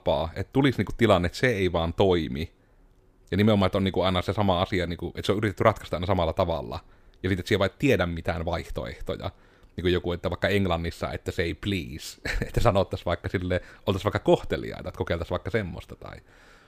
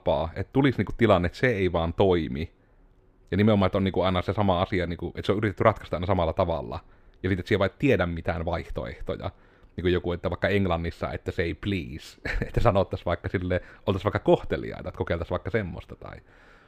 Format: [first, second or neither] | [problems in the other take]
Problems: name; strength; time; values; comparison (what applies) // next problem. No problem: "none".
first | muffled; very slightly; fading above 4 kHz